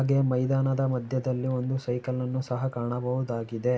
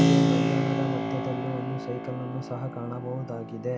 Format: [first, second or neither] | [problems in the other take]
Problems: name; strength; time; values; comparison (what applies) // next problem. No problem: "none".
first | background sound (Keyboard (musical)); 4 dB above the speech